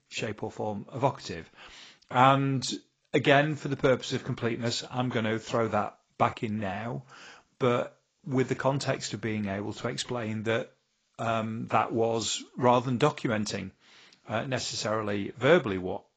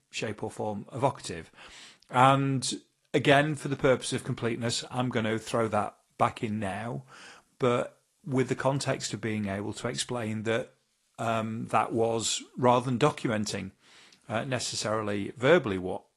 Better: second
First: garbled, watery; badly; nothing above 7.5 kHz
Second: garbled, watery; slightly

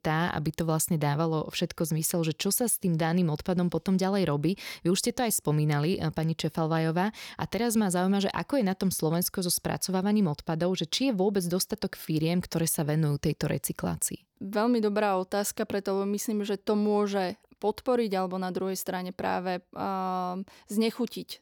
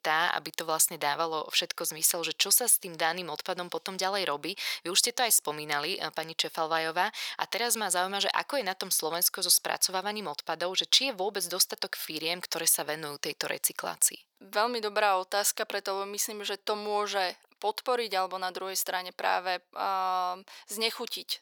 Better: first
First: none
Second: thin; very; fading below 800 Hz

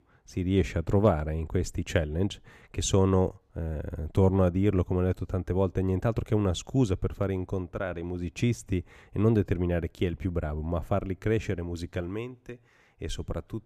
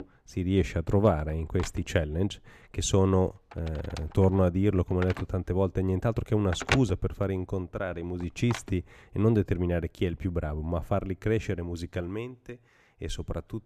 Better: first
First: none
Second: alarms or sirens; loud; until 9 s; 8 dB below the speech

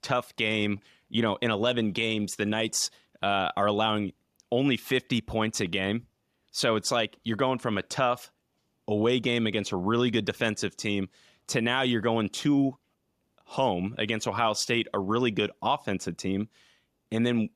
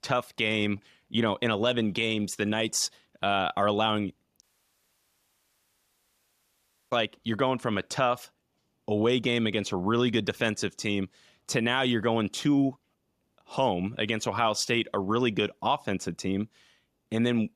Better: first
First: none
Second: audio cutting out; at 4.5 s for 2.5 s

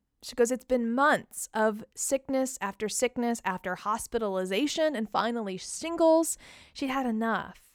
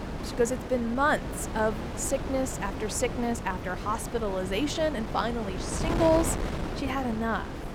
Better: first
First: none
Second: wind noise on the microphone; heavy; 8 dB below the speech

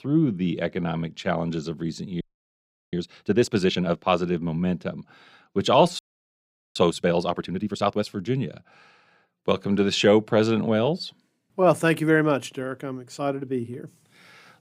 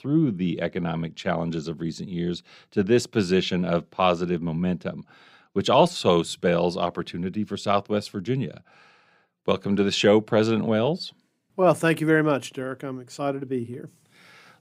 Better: second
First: audio freezing; at 2 s for 0.5 s and at 6 s for 1 s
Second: none

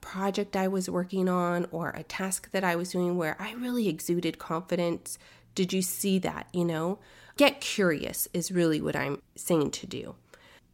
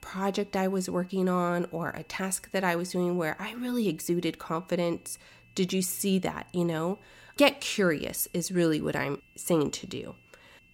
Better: first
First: none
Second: high-pitched whine; faint; throughout; 2.5 kHz, 30 dB below the speech

